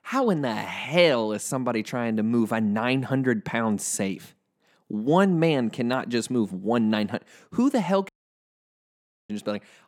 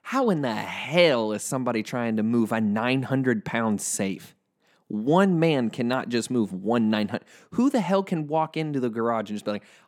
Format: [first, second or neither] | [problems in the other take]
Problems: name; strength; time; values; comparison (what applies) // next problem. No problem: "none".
second | audio cutting out; at 8 s for 1 s